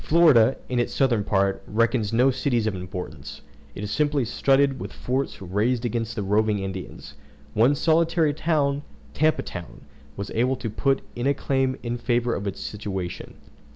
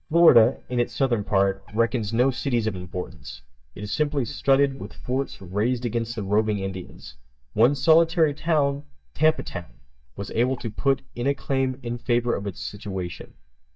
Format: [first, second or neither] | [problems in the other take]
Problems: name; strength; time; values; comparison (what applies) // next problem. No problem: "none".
first | noise reduction (neural mask model DeepFilterNet 3)